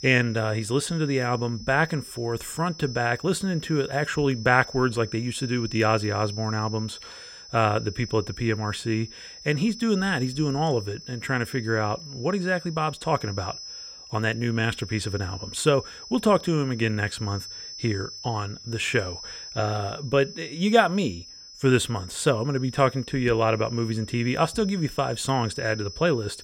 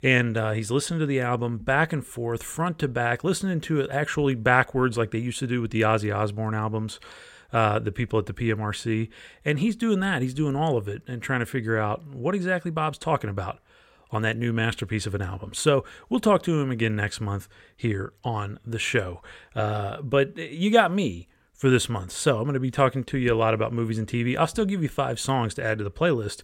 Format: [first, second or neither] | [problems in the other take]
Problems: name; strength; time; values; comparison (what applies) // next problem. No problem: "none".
second | high-pitched whine; noticeable; throughout; 5 kHz, 15 dB below the speech